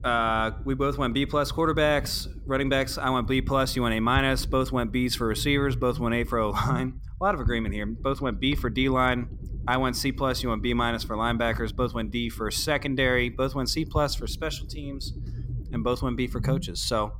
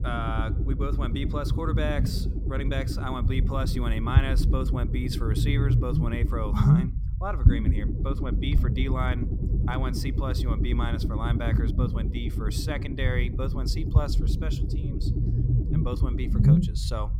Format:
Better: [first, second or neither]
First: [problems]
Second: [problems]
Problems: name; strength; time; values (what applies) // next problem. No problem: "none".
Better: first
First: low rumble; faint; throughout; 20 dB below the speech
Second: low rumble; loud; throughout; 3 dB below the speech